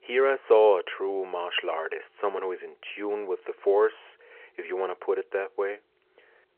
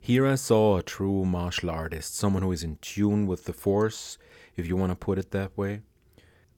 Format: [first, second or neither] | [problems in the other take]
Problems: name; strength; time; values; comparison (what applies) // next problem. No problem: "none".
second | phone-call audio; nothing above 3 kHz